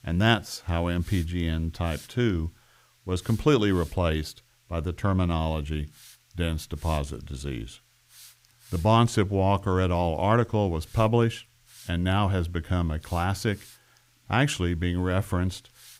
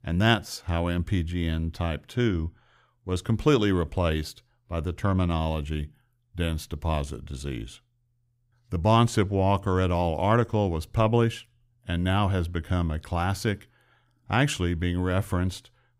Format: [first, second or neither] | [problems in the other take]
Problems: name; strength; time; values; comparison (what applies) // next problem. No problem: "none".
second | hiss; faint; throughout; 25 dB below the speech